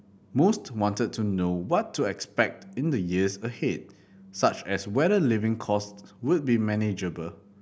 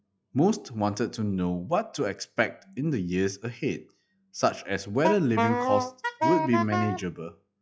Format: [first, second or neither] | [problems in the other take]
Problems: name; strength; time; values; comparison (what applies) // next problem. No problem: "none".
first | noise reduction (classical method log-MMSE)